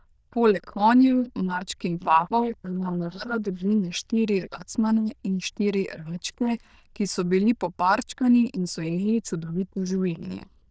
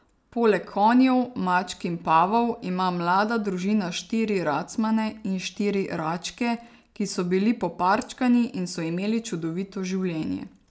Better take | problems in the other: second | noise reduction (neural diffusion model UNIVERSE++)

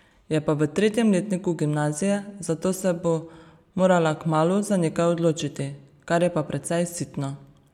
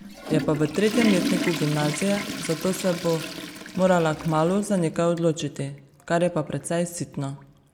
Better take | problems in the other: first | background sound (Toilet flush / Water); 8 dB below the speech

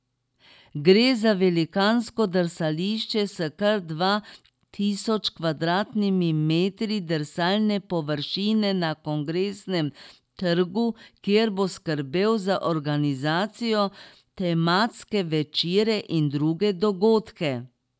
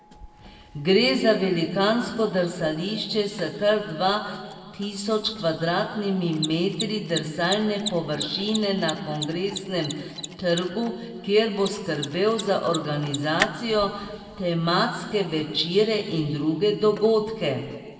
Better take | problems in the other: first | background sound (Mechanisms); 15 dB below the speech // room echo; dies away in 1.9 s

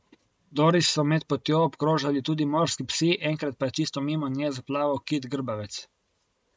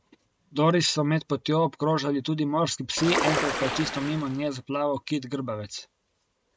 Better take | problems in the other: first | background sound (Ocean); 2 dB below the speech

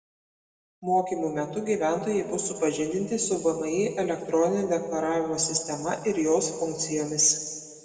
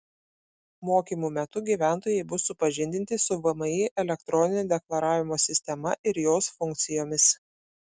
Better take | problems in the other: second | room echo; dies away in 1.9 s

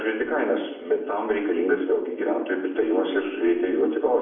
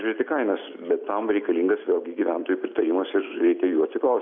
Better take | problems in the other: second | room echo; dies away in 0.6 s

